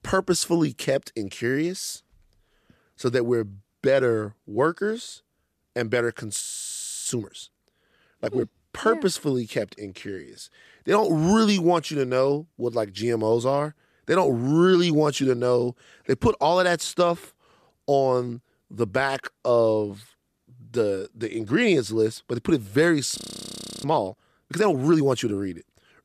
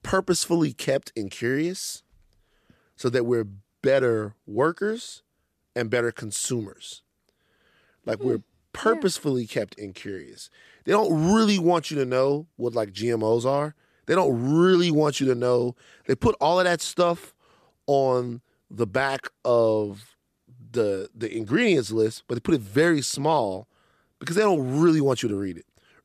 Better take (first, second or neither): second